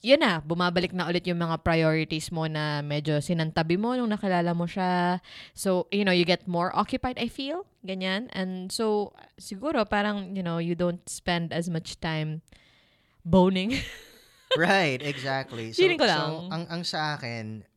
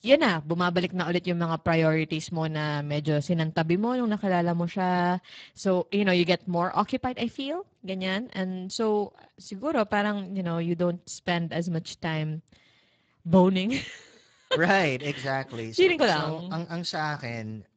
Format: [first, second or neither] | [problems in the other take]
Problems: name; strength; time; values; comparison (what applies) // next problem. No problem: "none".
first | garbled, watery; badly; nothing above 7.5 kHz